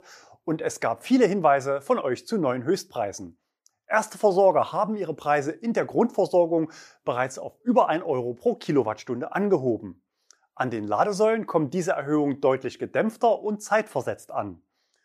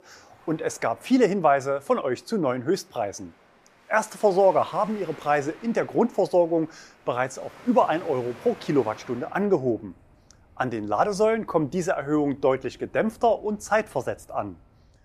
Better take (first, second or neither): first